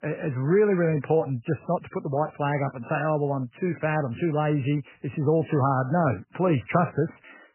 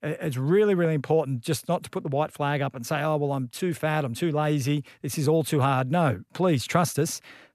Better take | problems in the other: second | garbled, watery; badly; nothing above 3 kHz

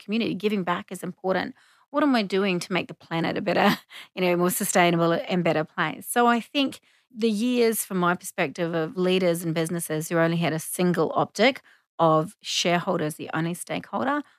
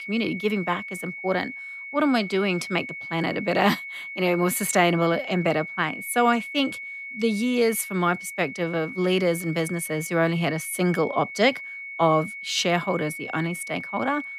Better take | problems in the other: first | high-pitched whine; loud; throughout; 2 kHz, 10 dB below the speech

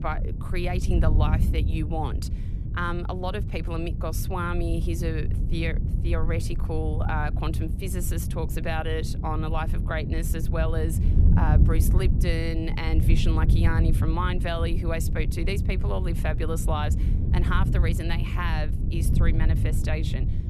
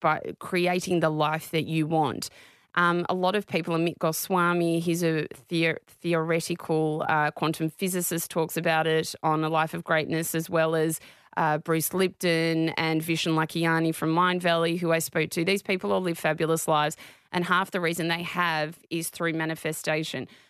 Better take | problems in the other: second | wind noise on the microphone; heavy; 8 dB below the speech

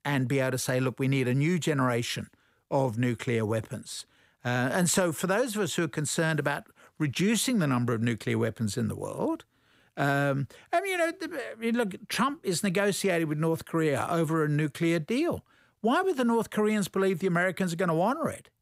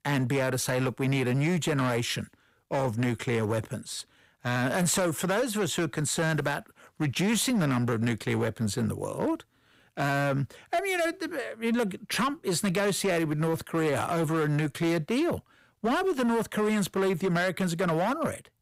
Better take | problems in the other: first | distortion; slight; 13% of the sound clipped

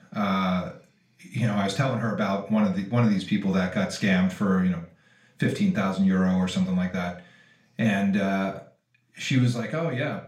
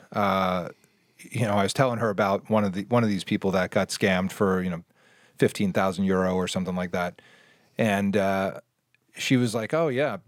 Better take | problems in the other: second | room echo; slight; dies away in 0.4 s // off-mic speech; far

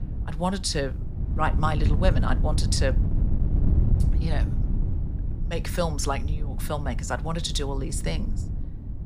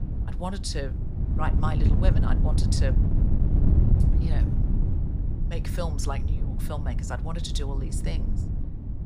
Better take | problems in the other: first | wind noise on the microphone; heavy; 4 dB below the speech; occasional gusts in the first

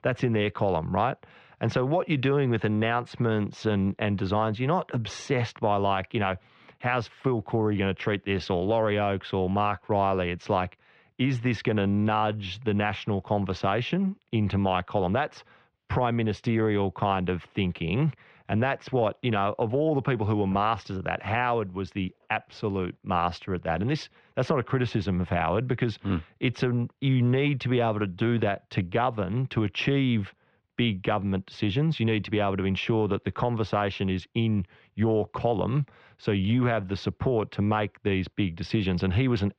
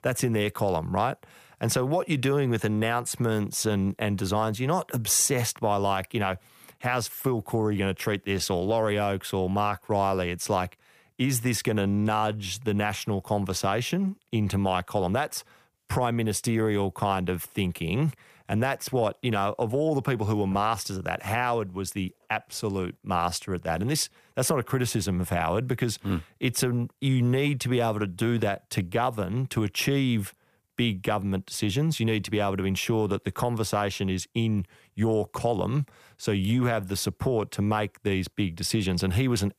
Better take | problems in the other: second | muffled; slightly; fading above 3.5 kHz

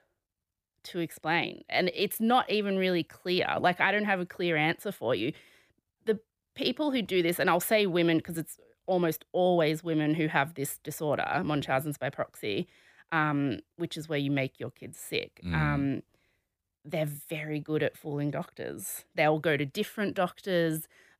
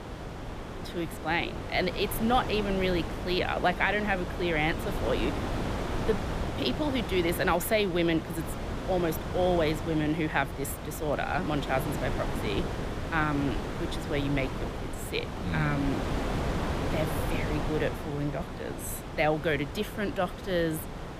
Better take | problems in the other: first | wind noise on the microphone; heavy; 7 dB below the speech

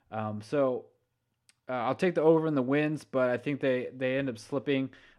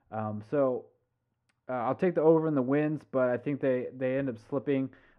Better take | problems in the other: first | muffled; very; fading above 2.5 kHz

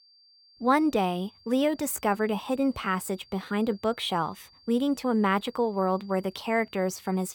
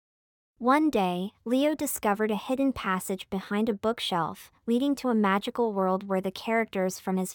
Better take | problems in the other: second | high-pitched whine; faint; throughout; 4.5 kHz, 30 dB below the speech

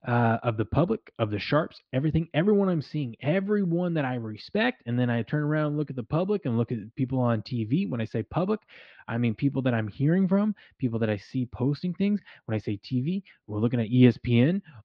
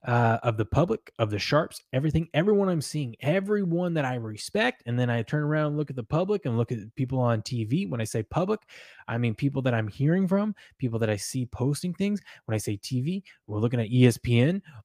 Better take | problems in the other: second | muffled; very slightly; fading above 4 kHz

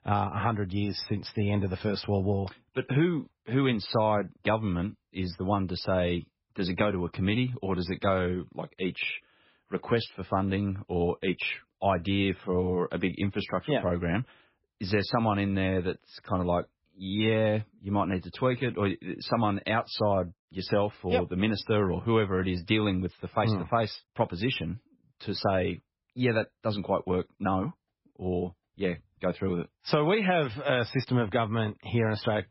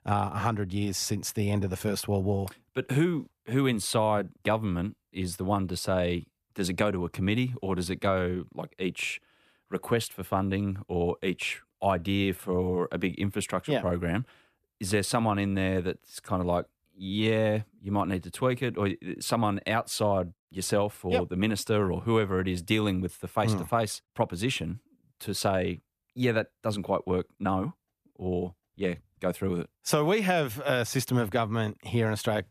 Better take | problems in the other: second | garbled, watery; badly; nothing above 5.5 kHz

